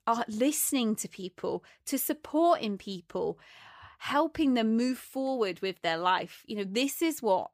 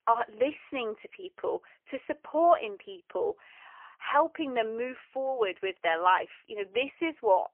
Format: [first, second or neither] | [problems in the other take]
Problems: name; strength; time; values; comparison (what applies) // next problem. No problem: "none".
first | phone-call audio; poor line; nothing above 3 kHz